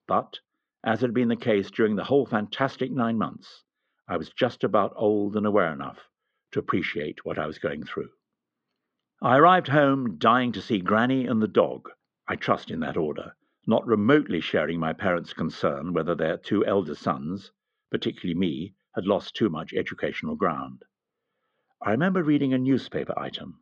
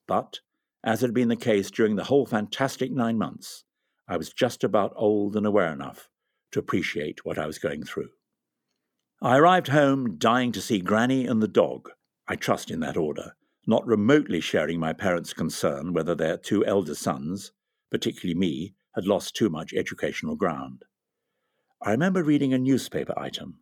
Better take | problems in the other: second | muffled; slightly; fading above 4 kHz

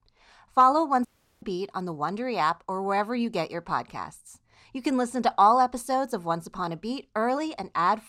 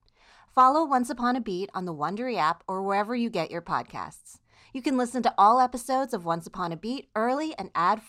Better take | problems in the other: second | audio cutting out; at 1 s

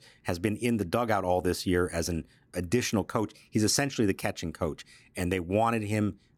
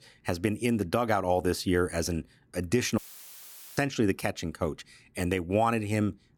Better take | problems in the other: first | audio cutting out; filled with static; at 3 s for 1 s

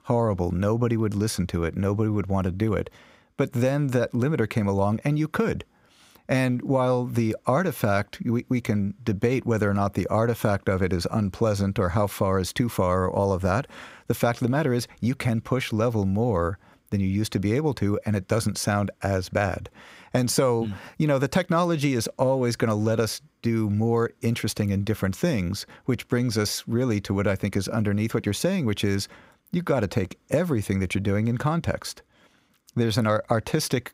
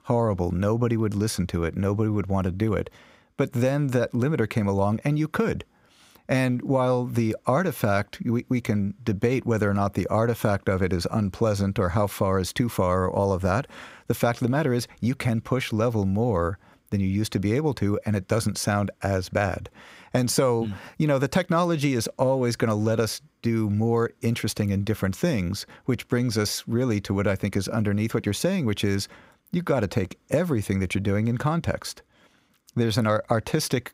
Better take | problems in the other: neither | none

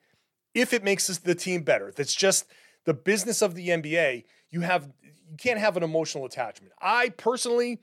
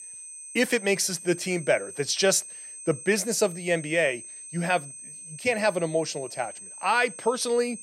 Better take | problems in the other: first | high-pitched whine; noticeable; throughout; 8.5 kHz, 15 dB below the speech

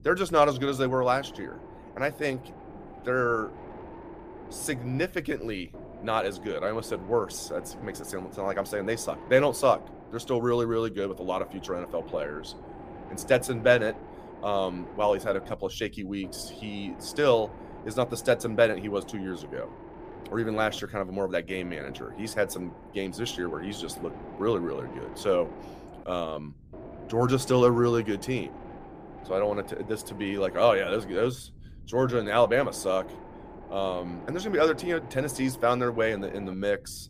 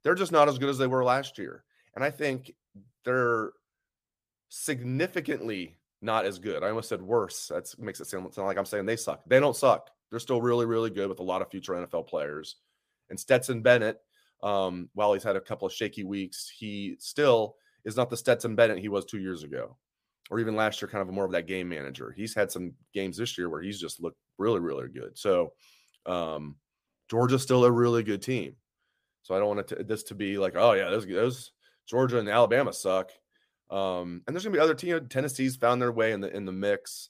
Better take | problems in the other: second | wind noise on the microphone; occasional gusts; 15 dB below the speech

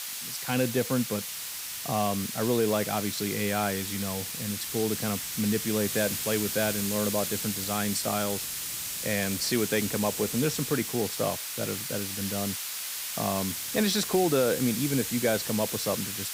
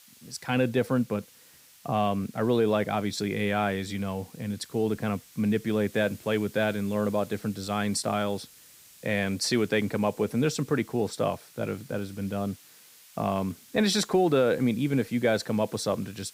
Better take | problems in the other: second | hiss; loud; throughout; 2 dB below the speech; faint in the second

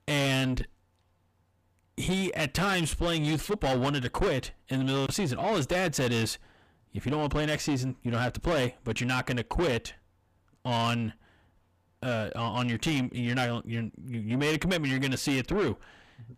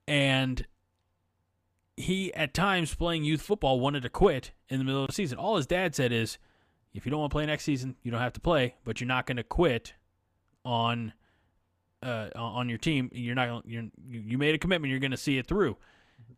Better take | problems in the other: second | distortion; heavy; 7 dB below the speech

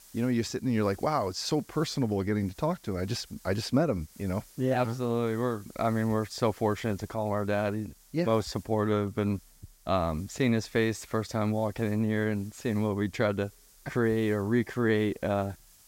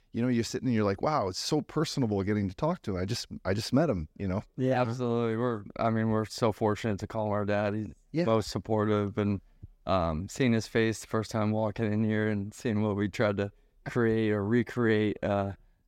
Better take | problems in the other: second | hiss; faint; throughout; 25 dB below the speech

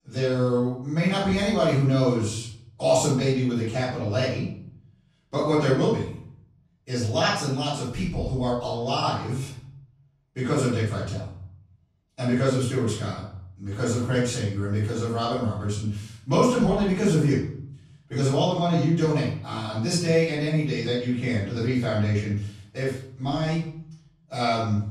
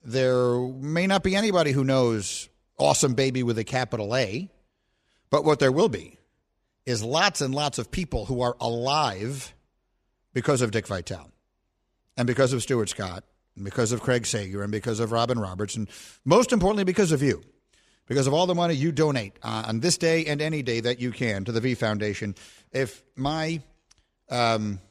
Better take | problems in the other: second | off-mic speech; far // room echo; noticeable; dies away in 0.7 s

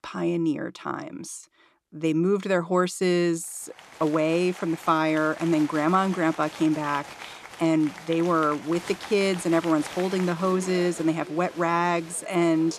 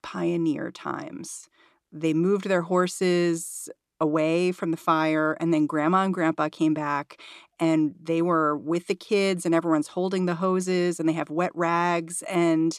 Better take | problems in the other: second | crowd noise; noticeable; from 3.5 s on; 15 dB below the speech

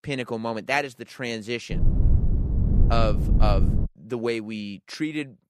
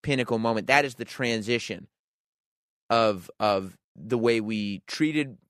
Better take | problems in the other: second | low rumble; loud; from 1.5 to 4 s; 9 dB below the speech

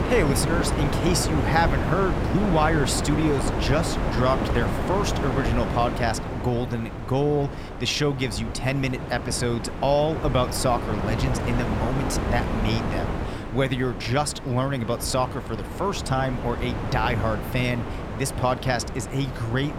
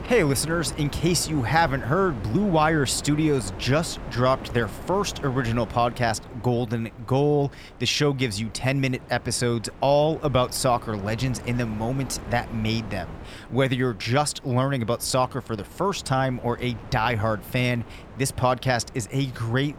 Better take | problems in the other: second | wind noise on the microphone; heavy; 5 dB below the speech; occasional gusts in the second

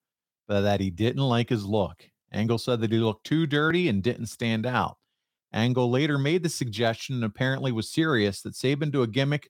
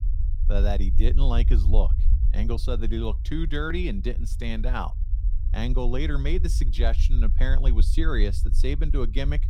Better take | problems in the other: first | low rumble; noticeable; throughout; 15 dB below the speech

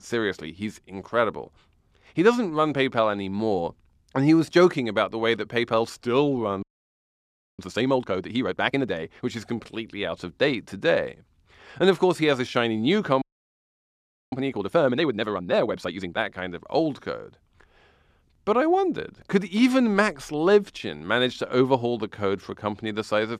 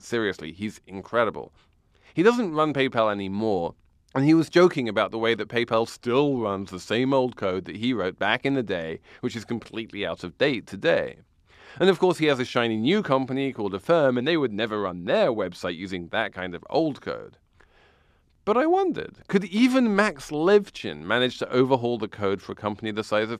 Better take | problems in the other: second | audio freezing; at 6.5 s for 1 s and at 13 s for 1 s

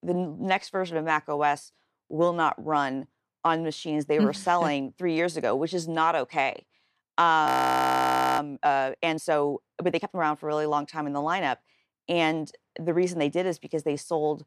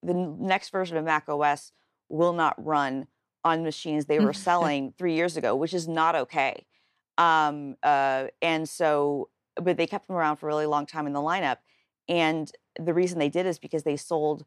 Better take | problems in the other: second | audio freezing; at 7.5 s for 1 s

